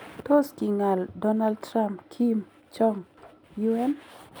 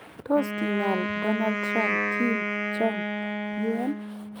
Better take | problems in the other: first | background sound (Wind instrument, woodwind instrument); as loud as the speech

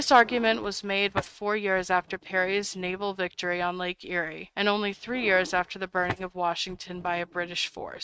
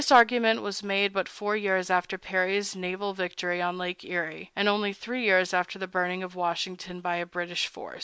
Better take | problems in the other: second | noise reduction (neural mask model RNNoise)

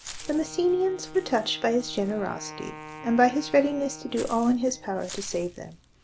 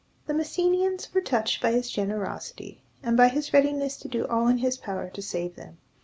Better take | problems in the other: second | background sound (Walk, footsteps / Bird + Wind instrument, woodwind instrument); 16 dB below the speech

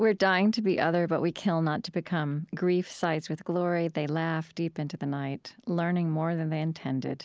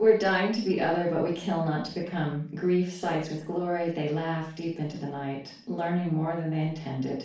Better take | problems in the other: first | room echo; dies away in 0.4 s

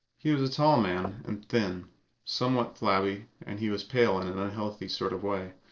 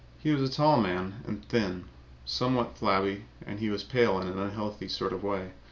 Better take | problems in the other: second | noise reduction (neural separator model SepFormer DNS4)

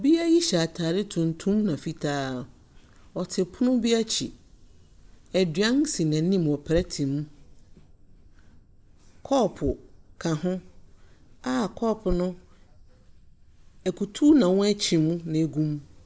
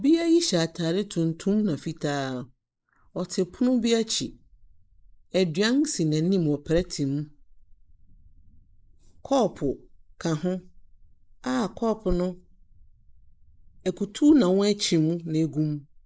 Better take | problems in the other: first | noise reduction (neural mask model Resemble Enhance denoiser)

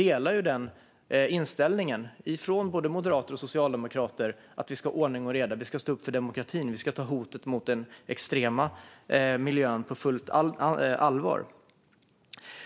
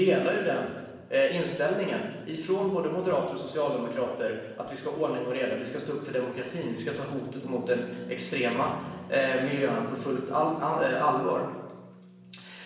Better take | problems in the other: first | background sound (Harp); 19 dB below the speech // room echo; dies away in 1.1 s

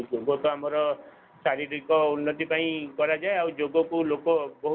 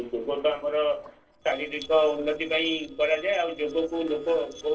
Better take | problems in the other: first | noise reduction (neural separator model SepFormer DNS4)

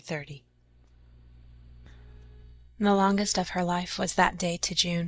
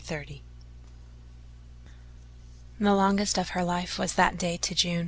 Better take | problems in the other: second | noise reduction (neural mask model DeepFilterNet 3)

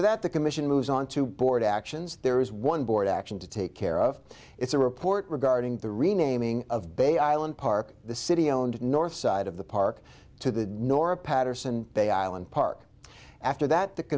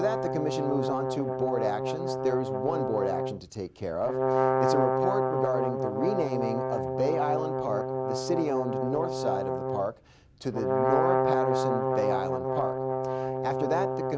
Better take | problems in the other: first | background sound (Brass instrument); 3 dB above the speech

